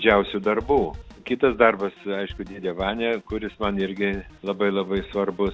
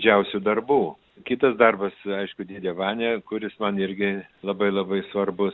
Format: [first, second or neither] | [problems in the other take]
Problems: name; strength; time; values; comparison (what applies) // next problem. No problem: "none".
second | background sound (Drum kit); 18 dB below the speech